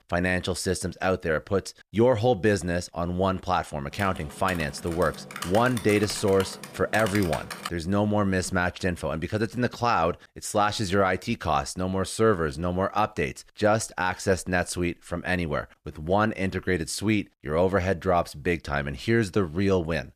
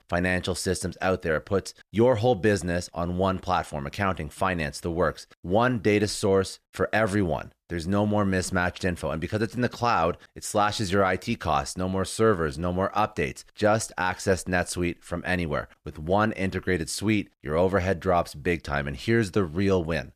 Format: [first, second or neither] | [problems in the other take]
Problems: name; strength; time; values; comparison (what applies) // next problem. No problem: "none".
second | keyboard typing; noticeable; from 4 to 7.5 s; peak 8 dB below the speech